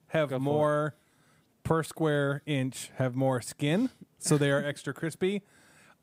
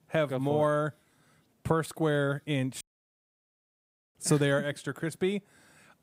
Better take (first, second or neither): first